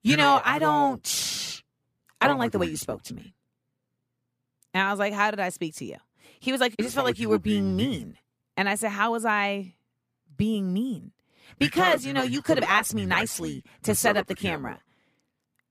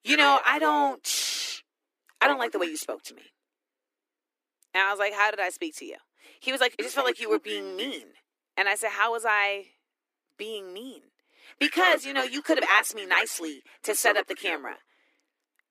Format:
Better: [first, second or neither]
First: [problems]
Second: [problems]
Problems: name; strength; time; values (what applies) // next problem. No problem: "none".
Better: first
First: none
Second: thin; somewhat; fading below 300 Hz